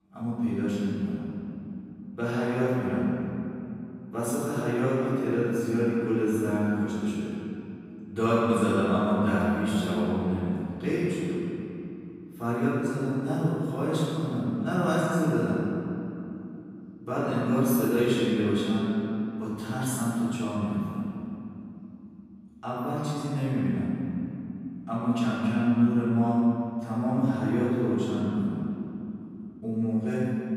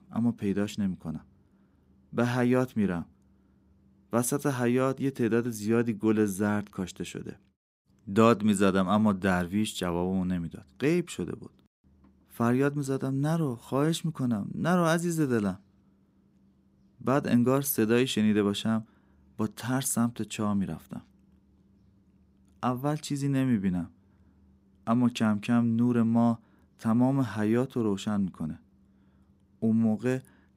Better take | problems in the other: second | room echo; strong; dies away in 2.7 s // off-mic speech; far

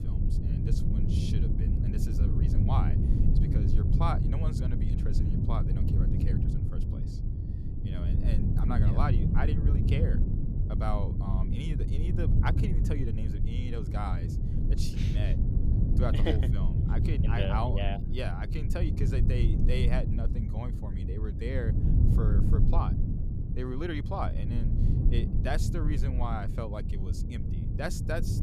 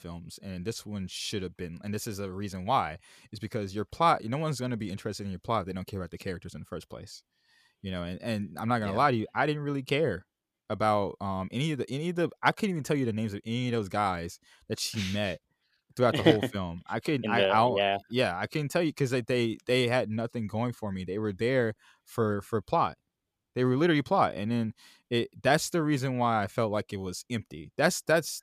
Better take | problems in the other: second | low rumble; loud; throughout; 3 dB below the speech

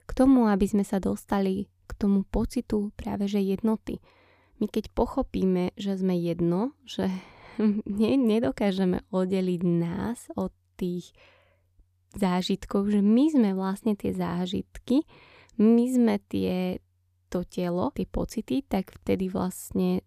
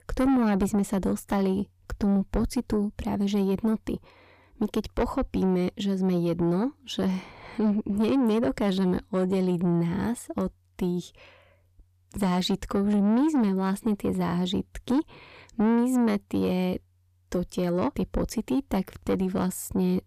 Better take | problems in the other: first | distortion; slight; 9 dB below the speech

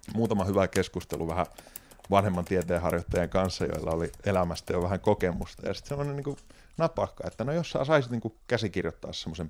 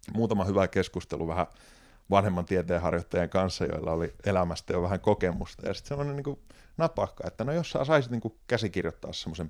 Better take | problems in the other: second | household noises; noticeable; throughout; 20 dB below the speech

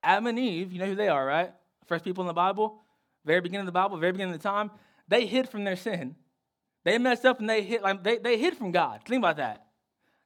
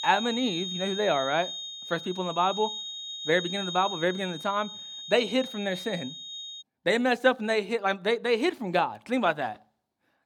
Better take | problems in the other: first | high-pitched whine; loud; until 6.5 s; 3.5 kHz, 7 dB below the speech

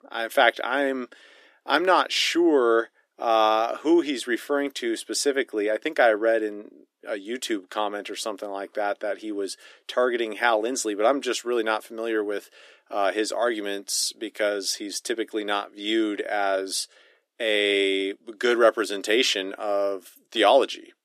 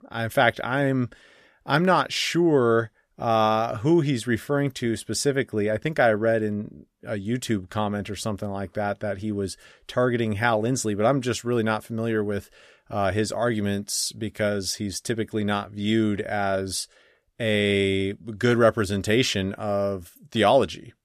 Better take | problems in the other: second | thin; somewhat; fading below 300 Hz

